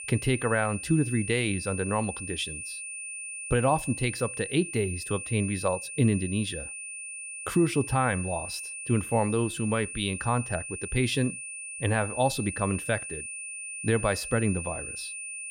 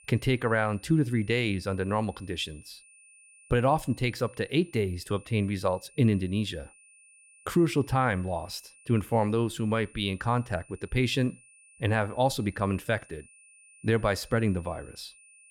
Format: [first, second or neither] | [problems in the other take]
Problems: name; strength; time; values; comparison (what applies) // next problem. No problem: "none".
second | high-pitched whine; loud; throughout; 2.5 kHz, 7 dB below the speech; faint in the second